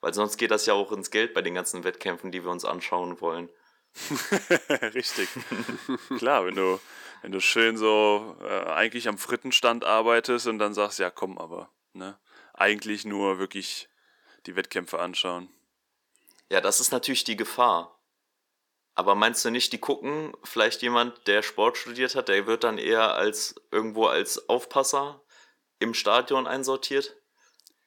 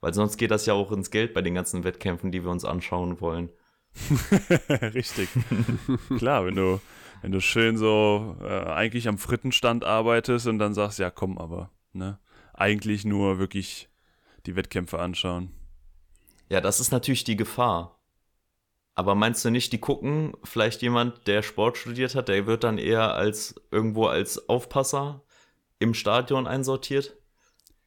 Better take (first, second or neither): second